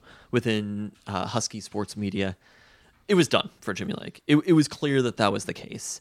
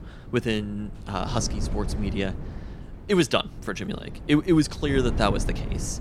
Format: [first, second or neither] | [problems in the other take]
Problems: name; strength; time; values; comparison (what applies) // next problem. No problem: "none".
first | wind noise on the microphone; occasional gusts; 15 dB below the speech